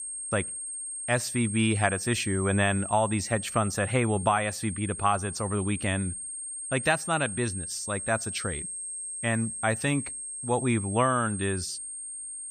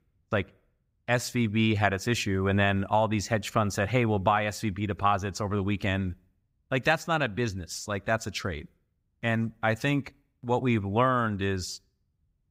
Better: second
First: high-pitched whine; loud; throughout; 8.5 kHz, 6 dB below the speech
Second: none

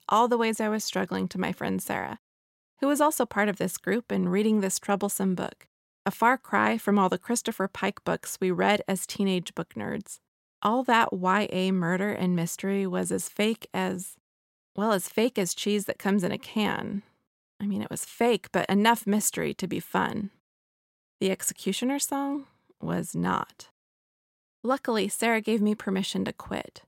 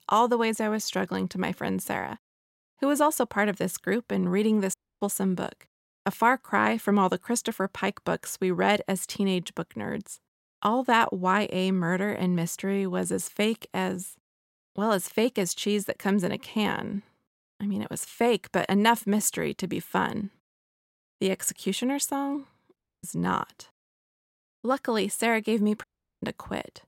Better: first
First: none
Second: audio cutting out; at 4.5 s, at 23 s and at 26 s

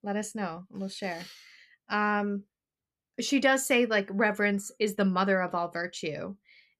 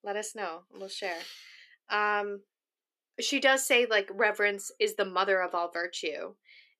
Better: first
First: none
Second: thin; somewhat; fading below 350 Hz

